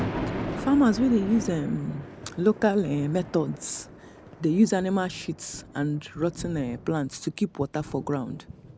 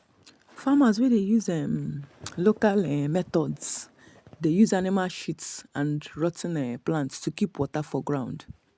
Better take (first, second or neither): second